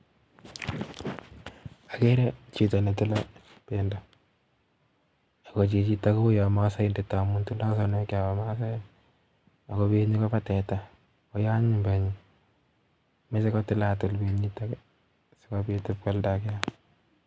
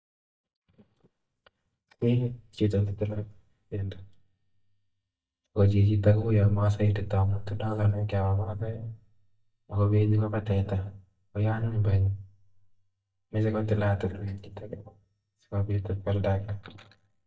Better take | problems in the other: first | noise reduction (neural mask model DeepFilterNet 3)

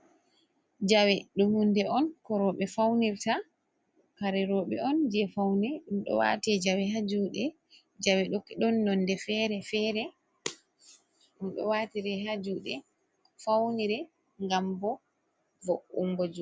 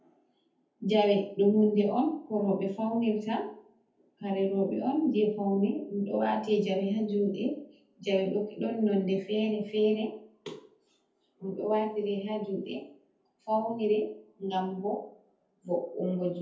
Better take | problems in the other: first | room echo; dies away in 0.5 s

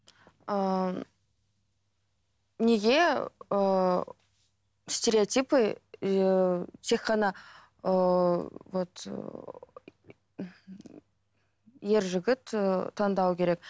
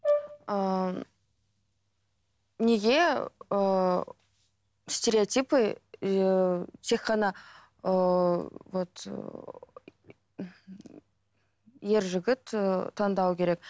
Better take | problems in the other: first | background sound (Brass instrument); 4 dB below the speech

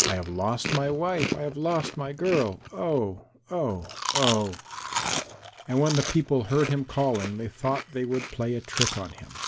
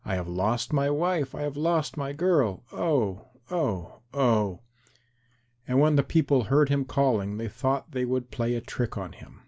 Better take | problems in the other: second | background sound (Chewing, mastication); 6 dB below the speech

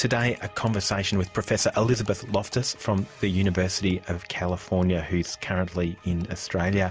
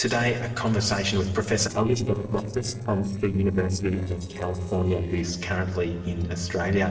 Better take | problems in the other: first | noise reduction (neural separator model SepFormer DNS4)

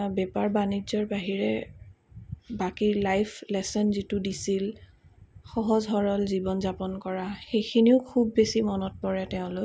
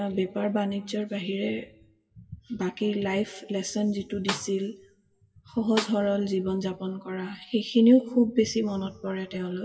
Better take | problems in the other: first | noise reduction (classical method WPE with log-MMSE)

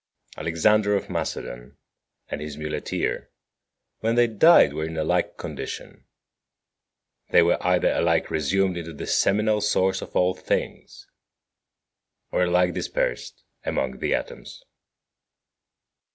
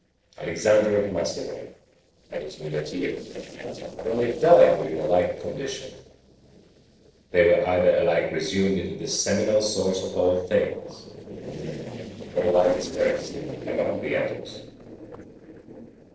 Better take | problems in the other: first | noise reduction (neural separator model SepFormer DNS4)

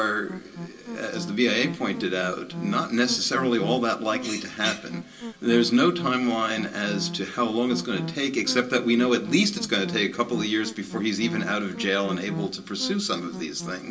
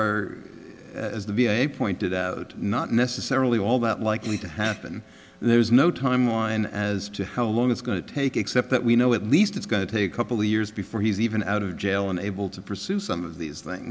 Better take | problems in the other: second | background sound (Musical instrument); 12 dB below the speech // room echo; dies away in 0.2 s

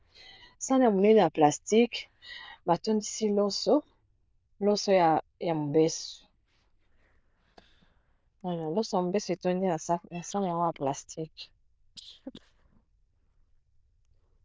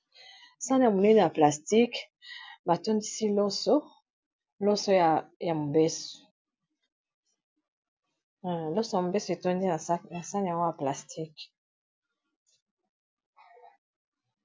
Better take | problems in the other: second | noise reduction (neural diffusion model UNIVERSE++)

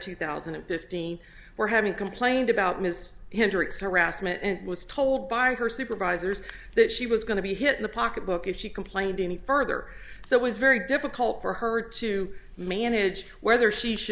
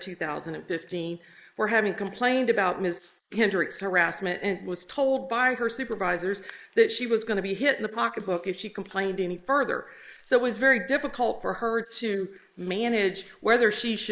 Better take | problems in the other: first | noise reduction (neural mask model Resemble Enhance denoiser)

